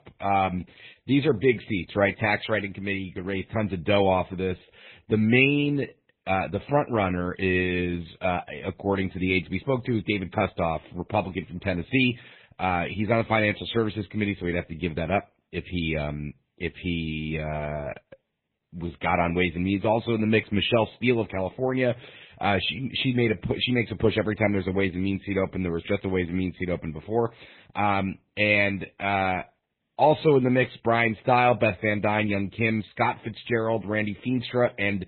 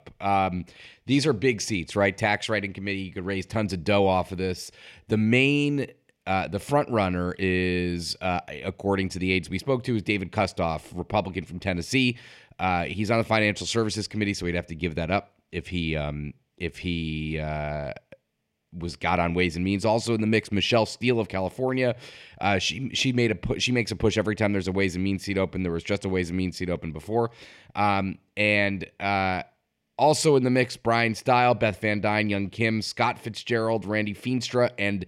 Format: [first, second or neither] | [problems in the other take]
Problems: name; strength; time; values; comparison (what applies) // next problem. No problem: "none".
second | garbled, watery; badly; nothing above 4 kHz